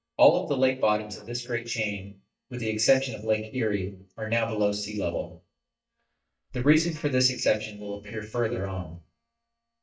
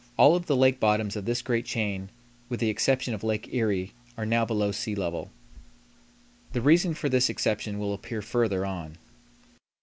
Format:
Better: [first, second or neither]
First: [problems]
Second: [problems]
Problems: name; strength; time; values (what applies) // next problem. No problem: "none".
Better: second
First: noise reduction (neural mask model DeepFilterNet 3)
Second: none